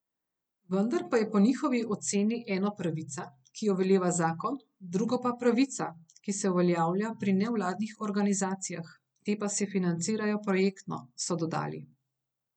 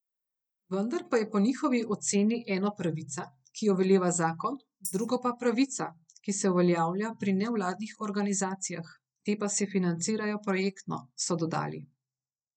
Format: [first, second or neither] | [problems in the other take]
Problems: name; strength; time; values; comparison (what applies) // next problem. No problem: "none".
first | noise reduction (neural mask model DeepFilterNet 3)